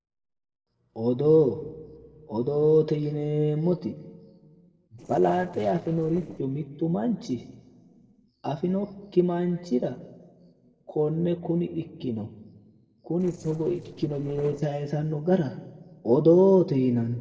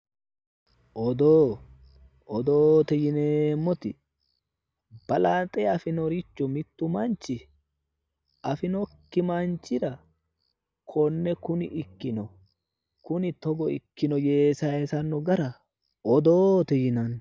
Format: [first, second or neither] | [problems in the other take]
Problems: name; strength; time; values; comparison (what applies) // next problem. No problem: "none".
second | noise reduction (neural separator model SepFormer DNS4)